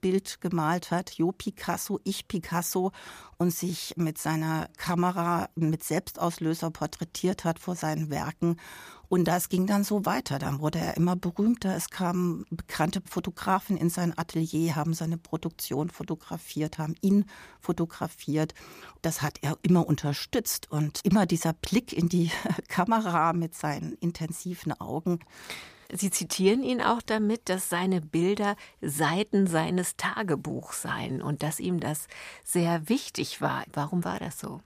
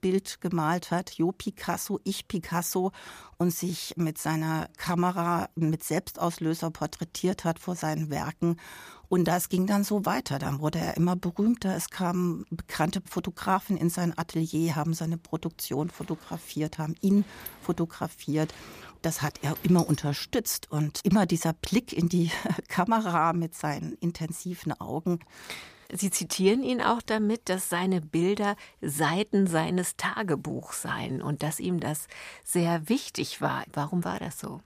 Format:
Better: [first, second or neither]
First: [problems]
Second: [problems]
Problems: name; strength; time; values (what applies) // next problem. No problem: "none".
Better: first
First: none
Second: door banging; noticeable; from 16 to 20 s; peak 9 dB below the speech